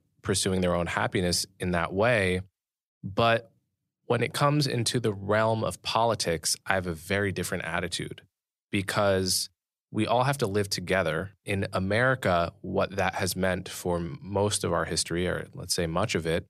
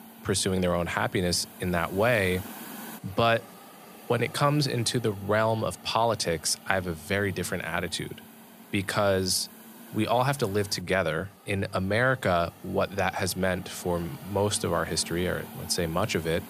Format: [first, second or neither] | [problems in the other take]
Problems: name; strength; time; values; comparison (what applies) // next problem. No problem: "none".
first | hiss; noticeable; throughout; 20 dB below the speech